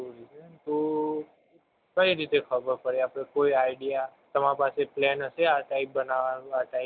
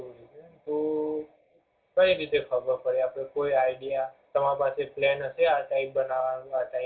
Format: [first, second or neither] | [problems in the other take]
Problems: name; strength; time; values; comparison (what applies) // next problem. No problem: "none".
first | room echo; dies away in 0.2 s